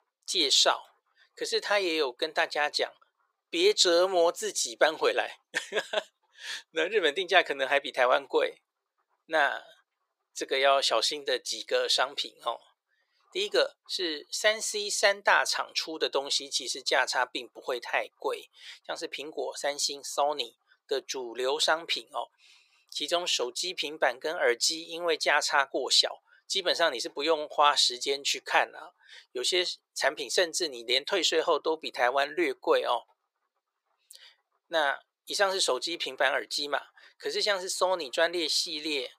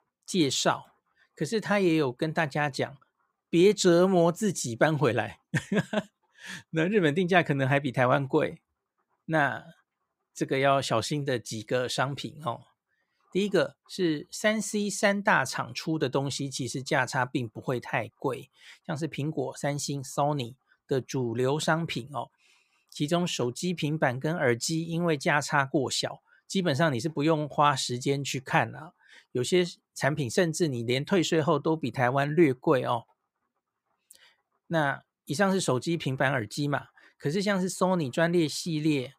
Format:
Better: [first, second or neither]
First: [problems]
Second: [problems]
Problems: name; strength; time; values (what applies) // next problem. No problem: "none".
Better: second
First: thin; very; fading below 450 Hz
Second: none